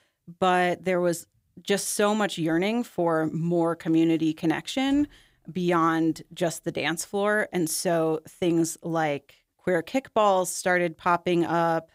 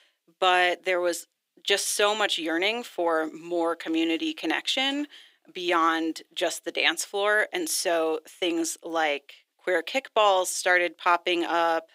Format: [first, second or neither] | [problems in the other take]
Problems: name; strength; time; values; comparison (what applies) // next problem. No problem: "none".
first | thin; somewhat; fading below 350 Hz